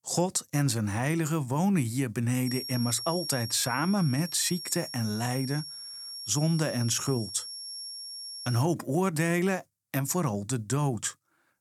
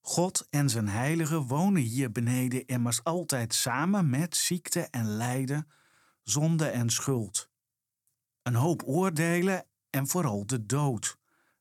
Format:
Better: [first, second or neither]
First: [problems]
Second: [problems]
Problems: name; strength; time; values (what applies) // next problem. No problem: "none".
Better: second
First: high-pitched whine; loud; from 2.5 to 8.5 s; 5.5 kHz, 8 dB below the speech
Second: none